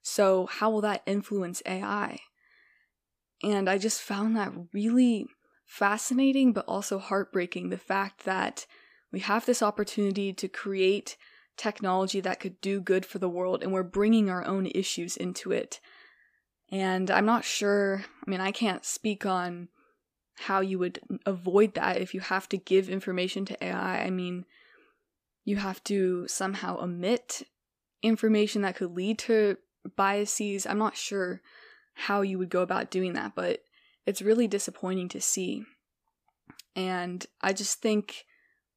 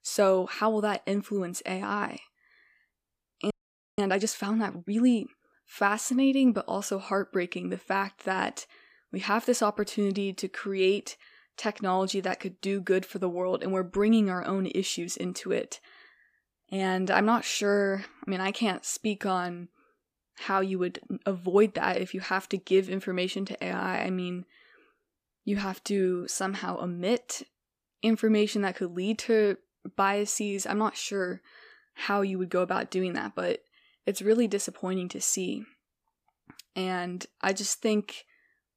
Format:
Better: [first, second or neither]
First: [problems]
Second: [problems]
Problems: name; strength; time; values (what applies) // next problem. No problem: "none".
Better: first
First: none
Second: audio freezing; at 3.5 s